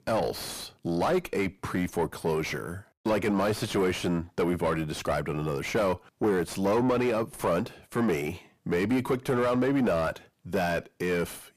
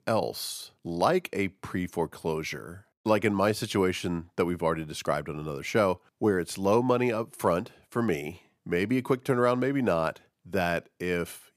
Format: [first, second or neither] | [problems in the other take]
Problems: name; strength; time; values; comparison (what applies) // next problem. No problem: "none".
second | distortion; heavy; 6 dB below the speech